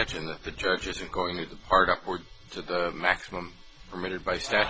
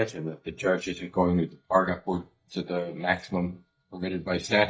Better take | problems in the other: first | noise reduction (neural mask model DeepFilterNet 3)

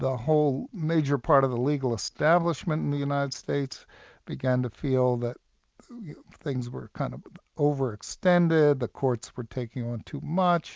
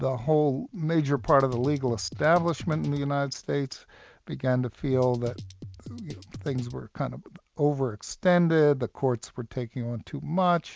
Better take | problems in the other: first | background sound (Drum kit); 16 dB below the speech

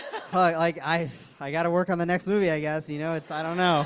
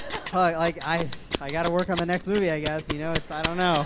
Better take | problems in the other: first | background sound (Alarm + Scissors); 8 dB below the speech

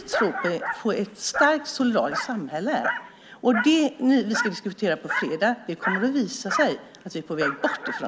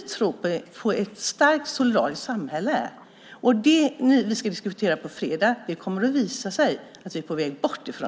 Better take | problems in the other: second | background sound (Dog); 6 dB below the speech

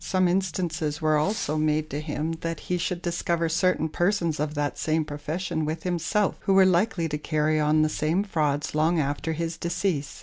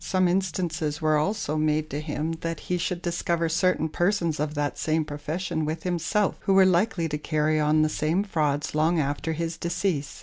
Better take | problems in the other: second | background sound (Fireworks); 19 dB below the speech

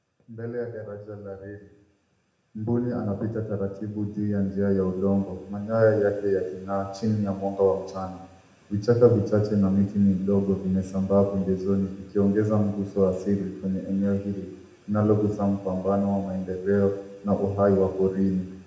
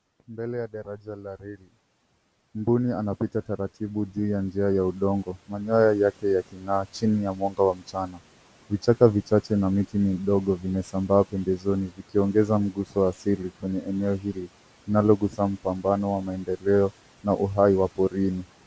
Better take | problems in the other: second | room echo; dies away in 0.8 s

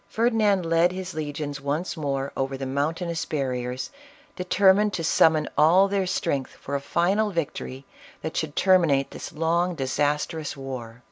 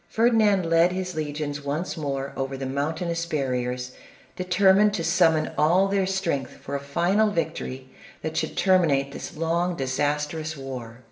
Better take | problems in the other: first | room echo; dies away in 0.6 s

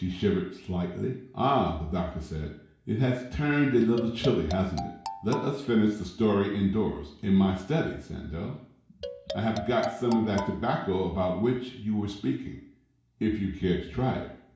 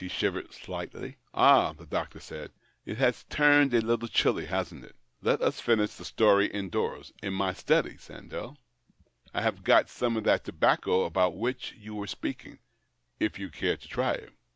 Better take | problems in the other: second | background sound (Marimba, xylophone); 11 dB below the speech // room echo; dies away in 0.6 s

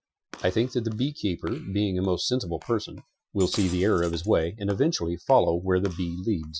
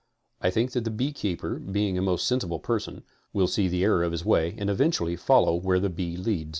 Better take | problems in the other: second | noise reduction (classical method Wiener filter)

